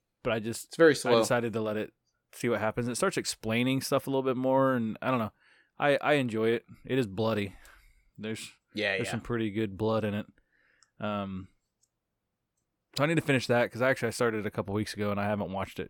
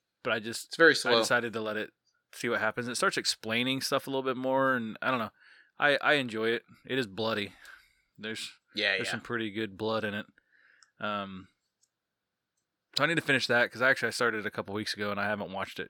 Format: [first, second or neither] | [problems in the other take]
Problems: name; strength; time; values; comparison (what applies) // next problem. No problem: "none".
first | thin; very slightly; fading below 400 Hz